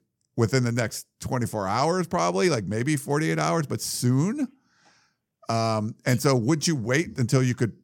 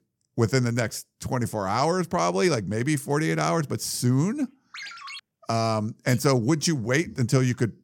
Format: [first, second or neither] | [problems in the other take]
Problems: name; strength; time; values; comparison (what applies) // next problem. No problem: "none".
first | phone ringing; faint; at 4.5 s; peak 10 dB below the speech